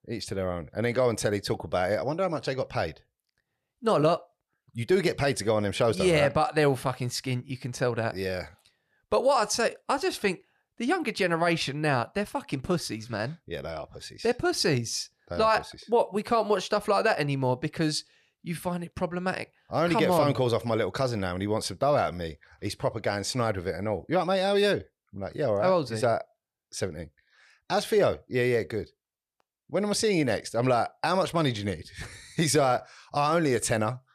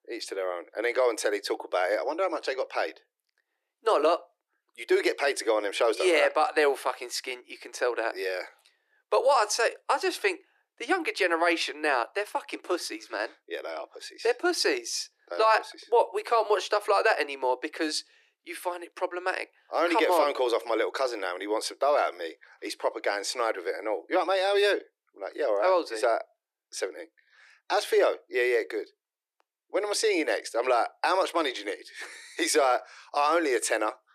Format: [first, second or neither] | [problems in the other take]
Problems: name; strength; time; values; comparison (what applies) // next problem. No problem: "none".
first | thin; very; fading below 300 Hz